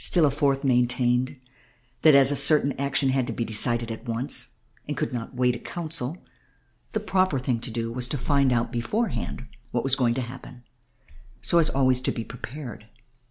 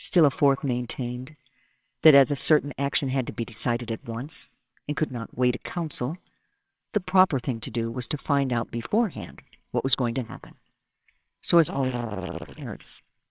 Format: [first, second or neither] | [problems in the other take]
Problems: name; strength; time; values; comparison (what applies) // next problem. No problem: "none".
first | noise reduction (neural separator model SepFormer WHAMR!)